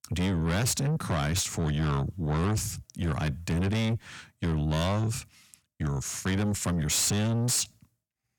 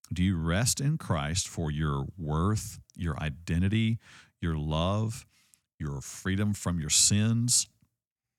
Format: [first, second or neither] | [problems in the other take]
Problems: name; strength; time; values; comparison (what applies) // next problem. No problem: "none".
second | distortion; heavy; 7 dB below the speech